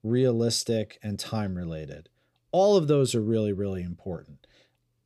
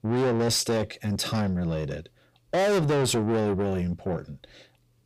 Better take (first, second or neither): first